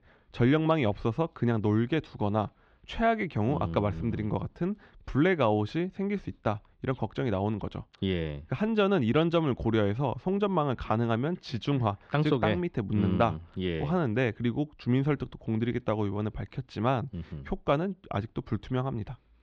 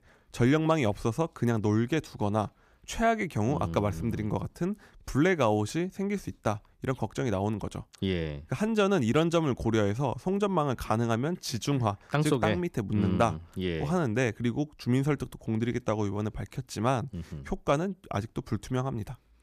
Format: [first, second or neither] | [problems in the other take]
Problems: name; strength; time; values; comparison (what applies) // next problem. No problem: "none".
second | muffled; slightly; fading above 3.5 kHz